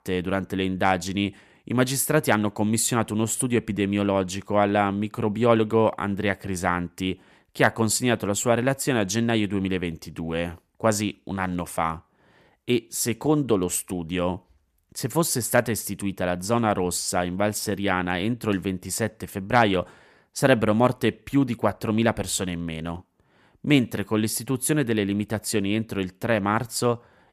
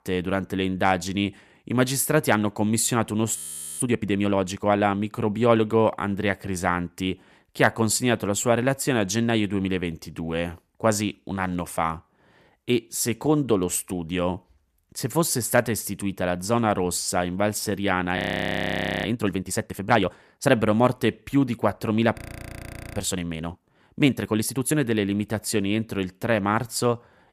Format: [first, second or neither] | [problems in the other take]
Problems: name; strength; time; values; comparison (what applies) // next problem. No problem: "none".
first | audio freezing; at 3.5 s, at 18 s for 1 s and at 22 s for 1 s